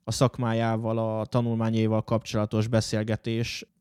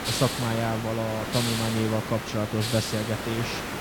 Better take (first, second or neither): first